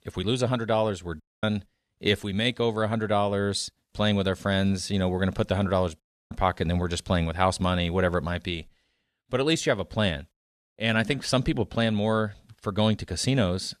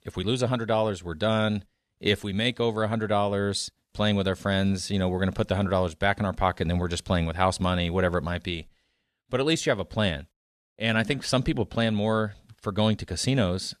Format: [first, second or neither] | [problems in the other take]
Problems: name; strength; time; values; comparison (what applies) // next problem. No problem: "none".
second | audio cutting out; at 1 s and at 6 s